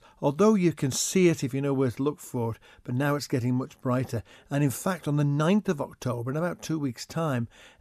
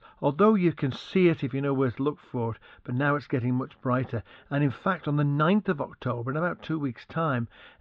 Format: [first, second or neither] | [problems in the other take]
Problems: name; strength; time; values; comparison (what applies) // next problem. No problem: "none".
first | muffled; very; fading above 3.5 kHz